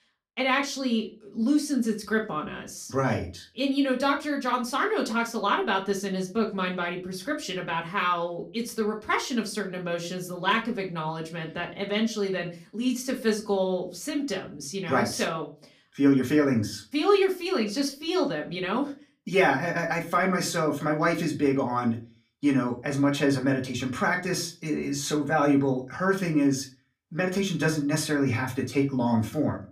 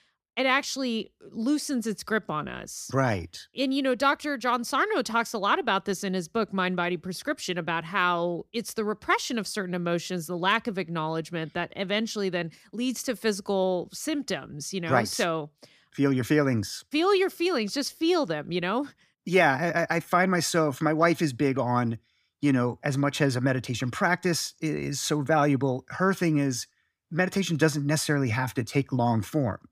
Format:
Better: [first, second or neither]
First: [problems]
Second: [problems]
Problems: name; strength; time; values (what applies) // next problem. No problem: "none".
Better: second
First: off-mic speech; far // room echo; very slight; dies away in 0.3 s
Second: none